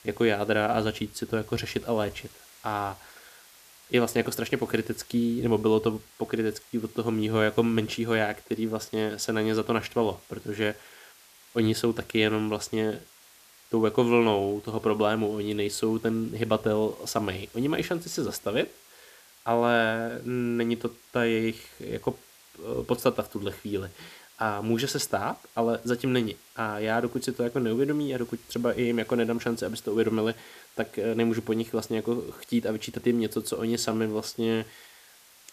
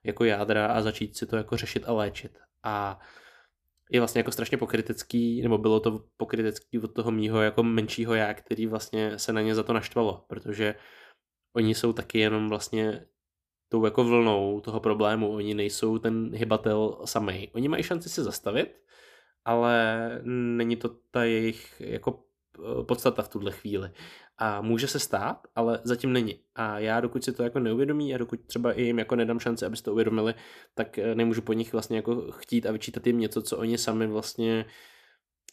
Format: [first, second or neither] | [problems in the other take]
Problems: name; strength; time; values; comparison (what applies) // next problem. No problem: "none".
second | hiss; faint; throughout; 25 dB below the speech